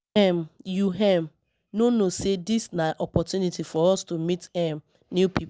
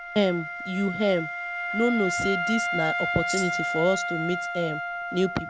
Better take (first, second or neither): first